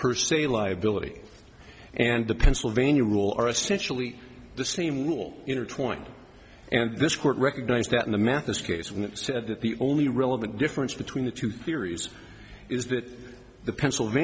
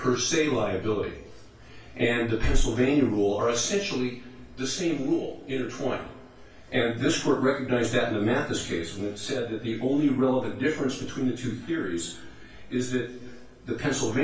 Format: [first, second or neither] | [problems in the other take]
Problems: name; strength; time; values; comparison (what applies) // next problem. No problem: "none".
first | room echo; dies away in 0.3 s